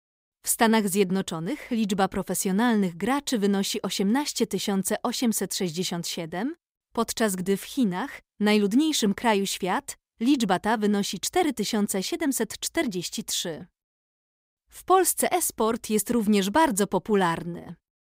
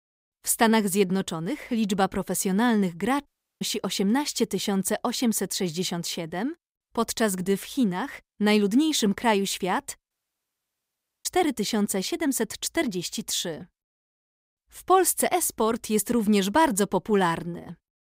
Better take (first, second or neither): first